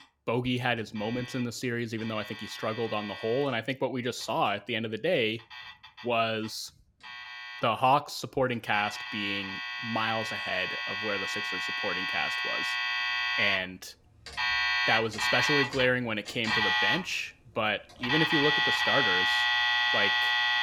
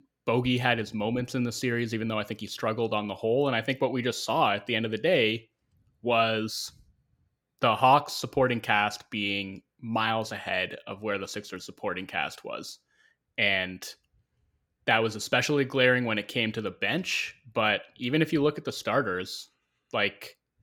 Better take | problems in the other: second | alarms or sirens; very loud; throughout; 3 dB above the speech

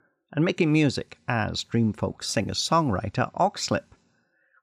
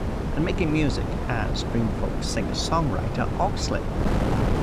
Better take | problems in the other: first | wind noise on the microphone; heavy; 3 dB below the speech

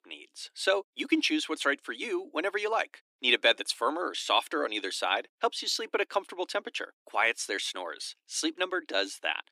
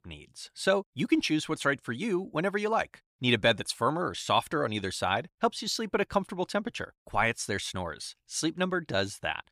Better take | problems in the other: second | thin; somewhat; fading below 300 Hz

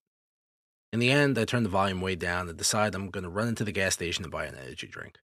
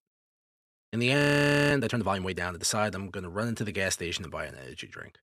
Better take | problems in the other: first | audio freezing; at 1 s for 0.5 s

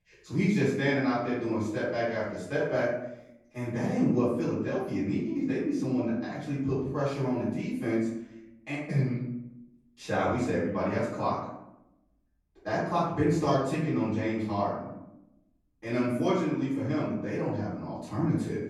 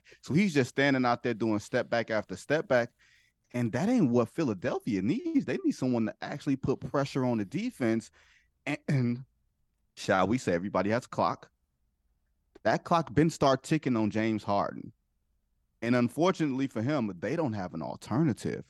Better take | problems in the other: second | off-mic speech; far // room echo; noticeable; dies away in 0.7 s

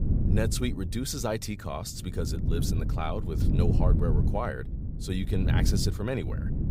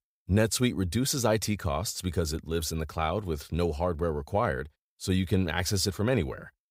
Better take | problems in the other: second | wind noise on the microphone; heavy; 6 dB below the speech

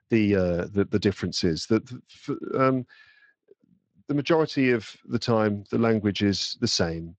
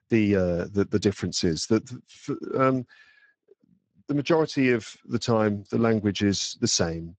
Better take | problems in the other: first | garbled, watery; badly; slightly in the first

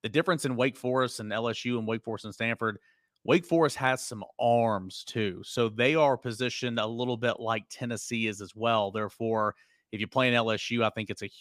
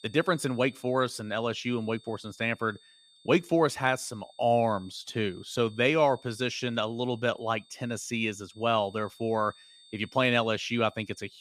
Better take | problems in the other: first | high-pitched whine; faint; throughout; 3.5 kHz, 25 dB below the speech

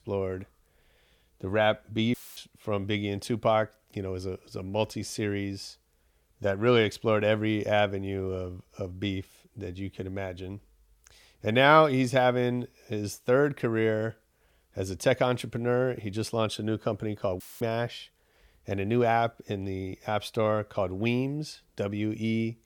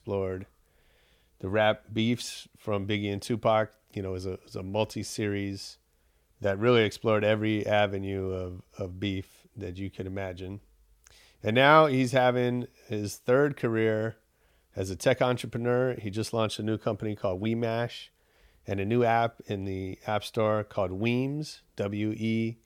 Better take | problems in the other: second | audio cutting out; filled with static; at 2 s and at 17 s

